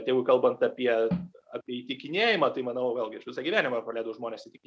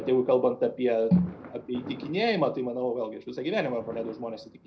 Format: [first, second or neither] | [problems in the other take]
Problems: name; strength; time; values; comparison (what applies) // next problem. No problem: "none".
first | background sound (Fireworks); 19 dB below the speech // room echo; dies away in 0.3 s